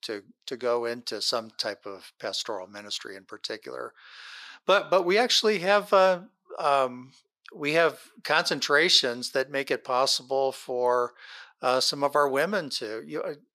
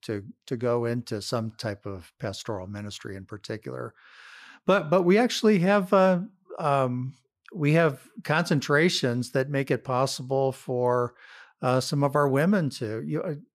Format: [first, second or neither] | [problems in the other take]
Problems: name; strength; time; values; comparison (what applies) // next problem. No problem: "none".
second | thin; somewhat; fading below 450 Hz